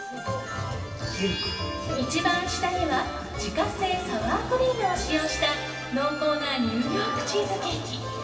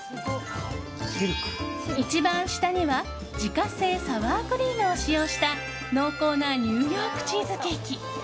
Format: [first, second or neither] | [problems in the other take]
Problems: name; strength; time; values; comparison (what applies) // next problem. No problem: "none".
second | room echo; dies away in 2.6 s